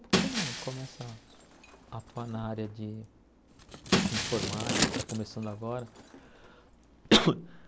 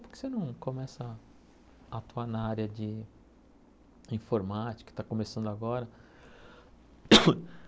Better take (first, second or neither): second